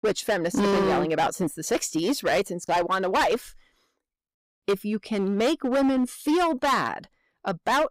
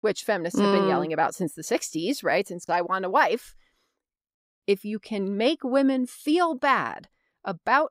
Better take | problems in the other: second | distortion; heavy; 13% of the sound clipped

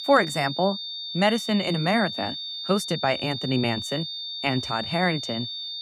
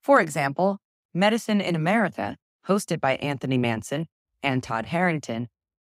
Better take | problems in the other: second | high-pitched whine; loud; throughout; 3.5 kHz, 5 dB below the speech

